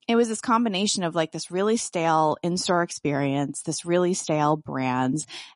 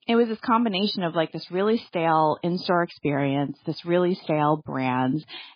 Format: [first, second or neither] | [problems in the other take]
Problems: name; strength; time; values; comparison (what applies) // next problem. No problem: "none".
first | garbled, watery; badly; nothing above 5 kHz; slightly in the first